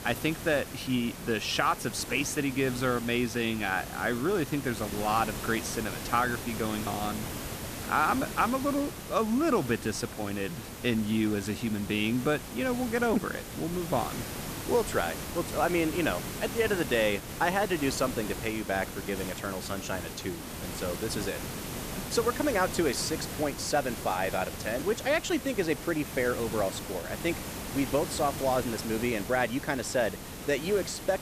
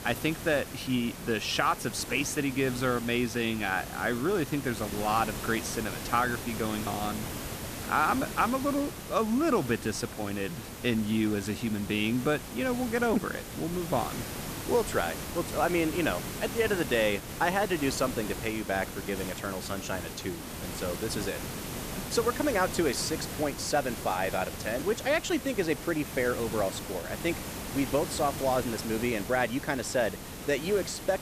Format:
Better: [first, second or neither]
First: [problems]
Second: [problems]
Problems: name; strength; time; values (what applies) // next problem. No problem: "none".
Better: neither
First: hiss; loud; throughout; 8 dB below the speech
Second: hiss; loud; throughout; 8 dB below the speech